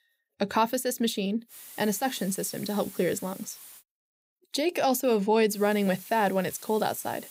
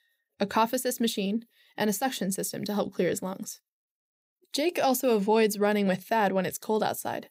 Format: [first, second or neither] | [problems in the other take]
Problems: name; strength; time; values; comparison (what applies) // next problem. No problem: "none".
second | hiss; noticeable; from 1.5 to 4 s and from 5.5 s on; 15 dB below the speech